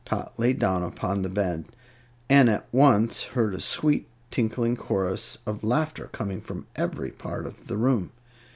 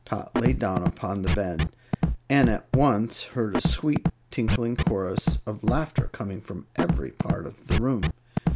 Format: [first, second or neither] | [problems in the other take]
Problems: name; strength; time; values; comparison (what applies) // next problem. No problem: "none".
first | background sound (Scratching (performance technique)); as loud as the speech